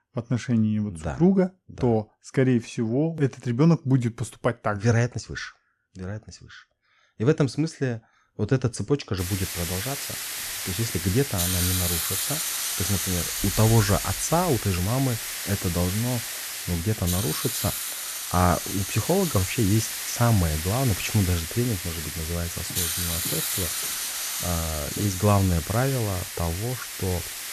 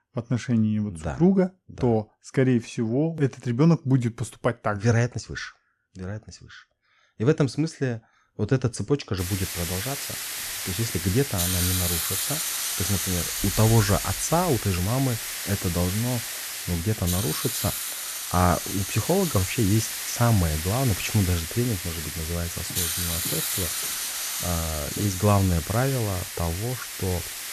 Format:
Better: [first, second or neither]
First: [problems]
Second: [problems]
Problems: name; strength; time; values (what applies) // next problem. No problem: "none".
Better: neither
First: hiss; loud; from 9 s on; 2 dB below the speech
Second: hiss; loud; from 9 s on; 2 dB below the speech